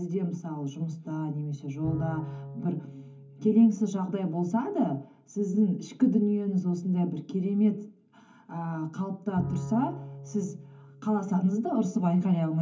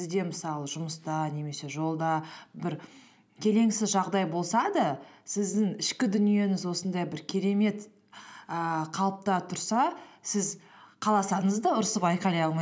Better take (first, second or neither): second